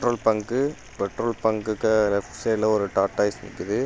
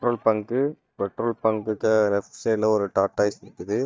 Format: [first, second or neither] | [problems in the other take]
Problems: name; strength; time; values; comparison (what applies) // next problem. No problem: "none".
first | noise reduction (neural mask model DeepFilterNet 3)